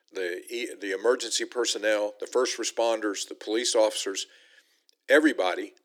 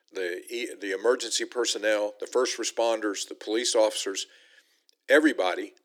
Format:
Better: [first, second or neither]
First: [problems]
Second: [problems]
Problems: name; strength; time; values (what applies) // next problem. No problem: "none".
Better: neither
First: thin; somewhat; fading below 300 Hz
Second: thin; somewhat; fading below 300 Hz